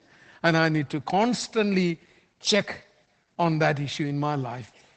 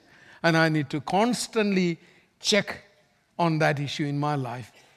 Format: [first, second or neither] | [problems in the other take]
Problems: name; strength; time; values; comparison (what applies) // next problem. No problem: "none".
second | garbled, watery; badly; nothing above 8 kHz